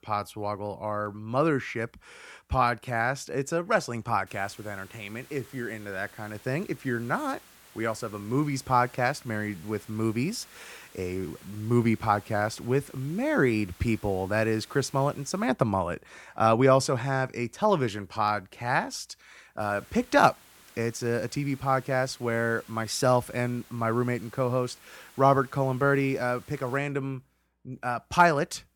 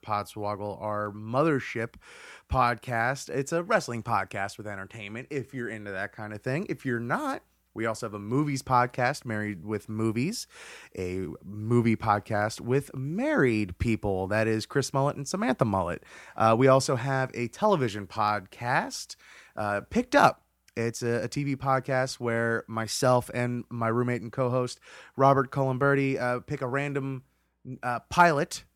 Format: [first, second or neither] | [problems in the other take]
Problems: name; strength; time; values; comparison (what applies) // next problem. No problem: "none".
second | hiss; faint; from 4.5 to 15 s and from 20 to 27 s; 25 dB below the speech